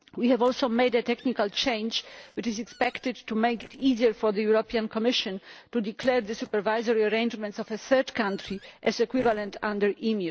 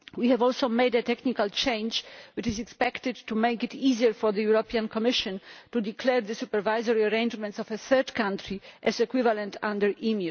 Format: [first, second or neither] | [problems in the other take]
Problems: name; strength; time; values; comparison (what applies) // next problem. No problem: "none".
second | noise reduction (neural separator model SepFormer DNS4)